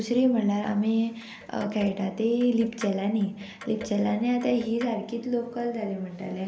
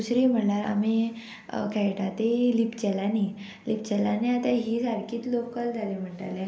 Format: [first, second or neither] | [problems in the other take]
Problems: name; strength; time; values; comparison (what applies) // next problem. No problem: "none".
second | background sound (Clock); 20 dB below the speech